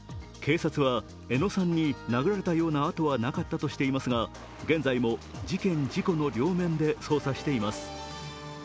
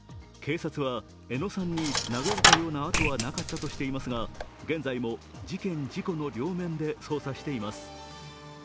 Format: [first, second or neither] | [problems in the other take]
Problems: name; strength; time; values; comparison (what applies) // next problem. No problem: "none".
first | background sound (Coin (dropping)); 4 dB above the speech